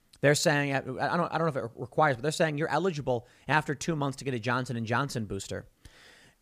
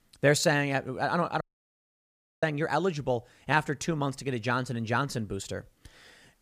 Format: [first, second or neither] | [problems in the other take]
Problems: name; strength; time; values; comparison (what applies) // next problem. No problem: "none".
first | audio cutting out; at 1.5 s for 1 s